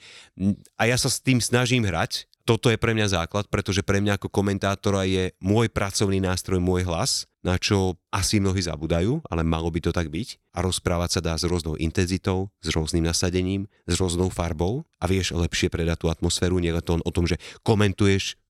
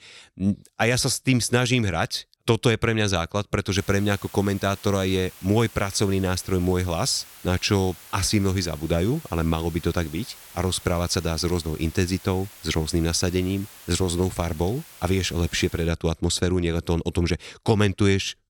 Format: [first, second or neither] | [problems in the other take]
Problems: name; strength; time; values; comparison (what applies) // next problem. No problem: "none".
first | hiss; noticeable; from 3.5 to 16 s; 20 dB below the speech